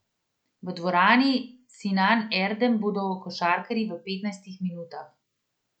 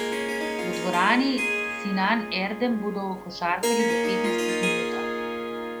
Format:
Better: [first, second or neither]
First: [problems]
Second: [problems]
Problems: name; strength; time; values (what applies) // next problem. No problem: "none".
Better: first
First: none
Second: background sound (Harp); as loud as the speech